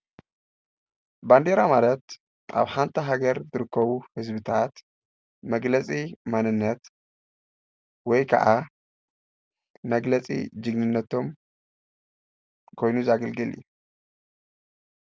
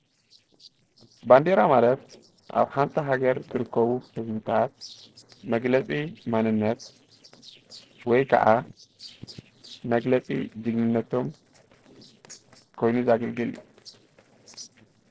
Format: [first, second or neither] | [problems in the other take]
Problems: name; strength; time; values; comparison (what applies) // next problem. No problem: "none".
first | noise reduction (neural separator model SepFormer DNS4)